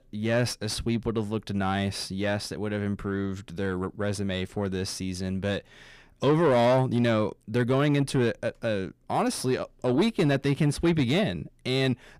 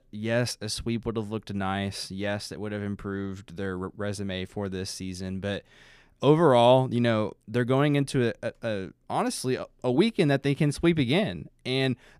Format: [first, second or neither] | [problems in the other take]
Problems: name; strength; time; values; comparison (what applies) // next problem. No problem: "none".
second | distortion; slight; 10 dB below the speech